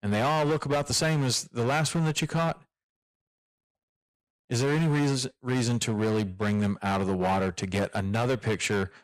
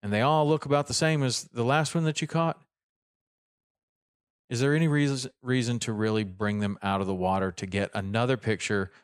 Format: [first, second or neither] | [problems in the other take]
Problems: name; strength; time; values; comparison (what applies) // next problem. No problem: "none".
second | distortion; heavy; 14% of the sound clipped